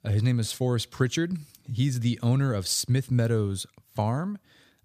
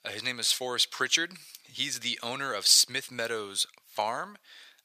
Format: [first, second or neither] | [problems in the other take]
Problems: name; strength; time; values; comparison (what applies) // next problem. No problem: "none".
first | thin; very; fading below 750 Hz